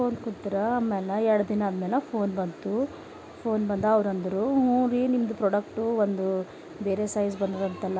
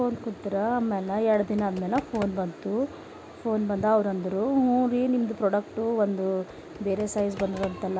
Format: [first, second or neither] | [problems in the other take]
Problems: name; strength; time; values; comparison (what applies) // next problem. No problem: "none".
first | background sound (Computer keyboard); 16 dB below the speech